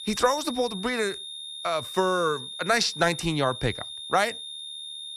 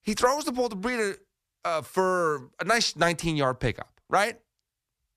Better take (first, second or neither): second